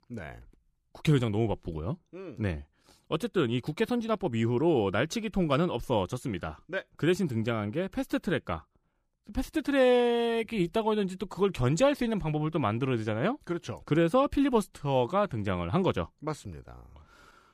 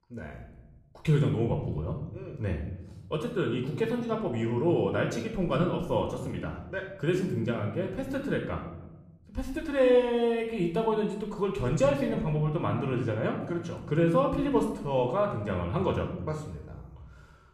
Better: first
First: none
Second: room echo; noticeable; dies away in 1.1 s // off-mic speech; somewhat distant

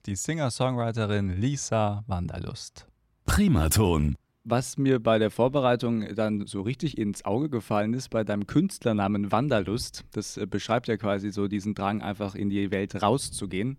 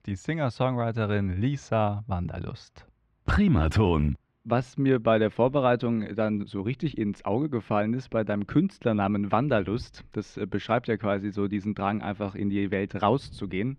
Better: first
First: none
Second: muffled; slightly; fading above 2.5 kHz

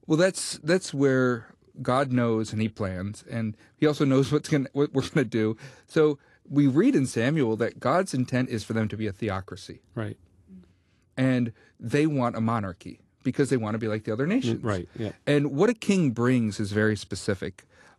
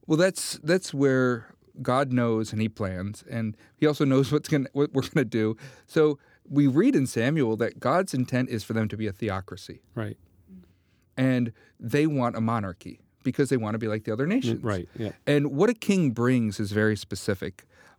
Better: second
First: garbled, watery; slightly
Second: none

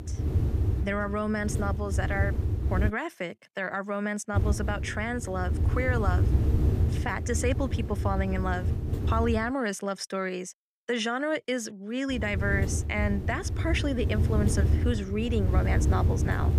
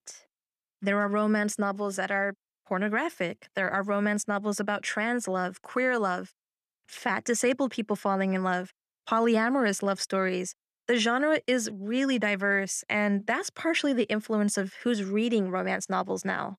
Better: second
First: wind noise on the microphone; heavy; until 3 s, from 4.5 to 9.5 s and from 12 s on; 9 dB below the speech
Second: none

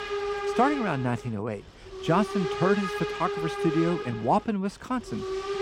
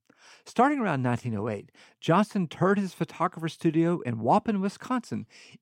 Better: second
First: hiss; loud; throughout; 4 dB below the speech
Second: none

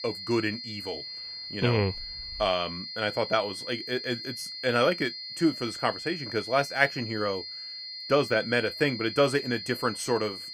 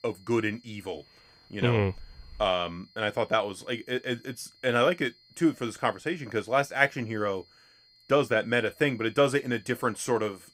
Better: second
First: high-pitched whine; loud; throughout; 4 kHz, 8 dB below the speech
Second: high-pitched whine; faint; throughout; 4 kHz, 30 dB below the speech

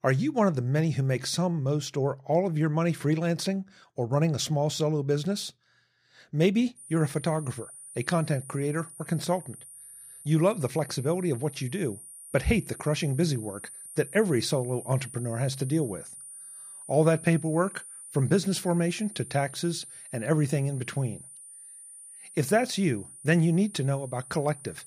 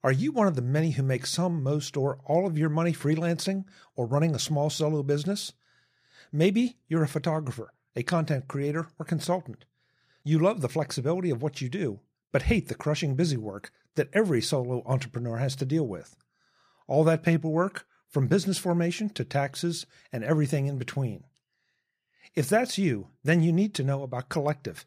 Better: second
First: high-pitched whine; noticeable; from 7 s on; 9.5 kHz, 15 dB below the speech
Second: none

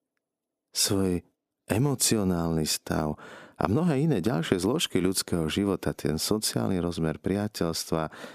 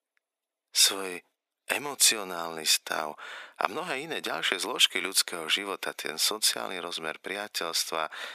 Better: first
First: none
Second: thin; very; fading below 800 Hz

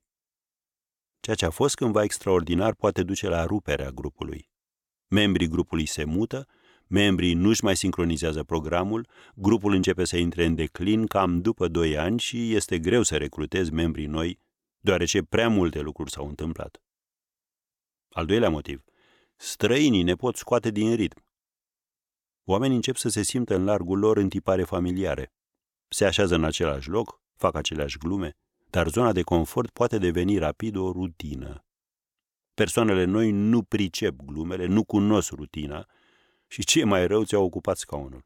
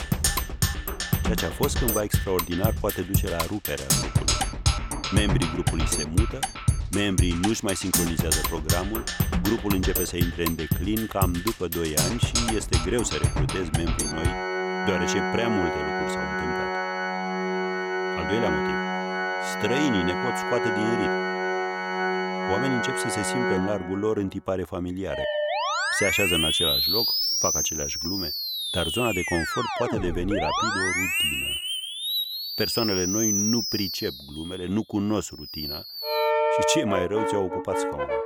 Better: first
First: none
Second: background music; very loud; throughout; 3 dB above the speech

